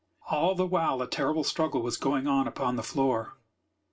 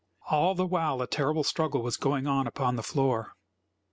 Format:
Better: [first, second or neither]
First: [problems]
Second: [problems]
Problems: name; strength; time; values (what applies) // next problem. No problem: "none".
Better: second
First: room echo; dies away in 0.2 s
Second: none